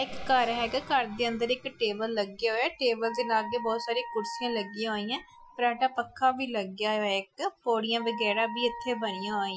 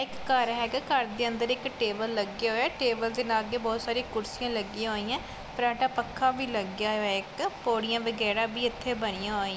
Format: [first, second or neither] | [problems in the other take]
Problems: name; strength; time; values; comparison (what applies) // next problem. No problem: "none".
second | noise reduction (classical method Wiener filter)